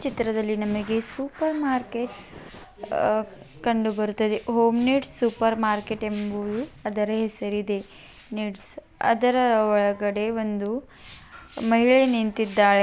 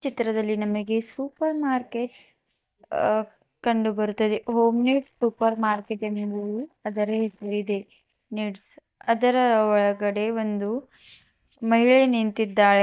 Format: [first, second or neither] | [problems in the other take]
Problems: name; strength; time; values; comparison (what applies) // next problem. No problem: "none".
first | noise reduction (neural mask model DeepFilterNet 3)